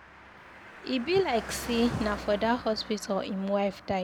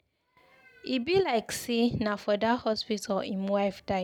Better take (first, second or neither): second